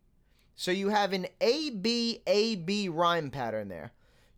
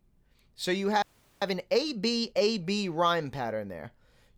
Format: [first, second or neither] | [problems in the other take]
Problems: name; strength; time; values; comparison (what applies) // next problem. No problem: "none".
first | audio freezing; at 1 s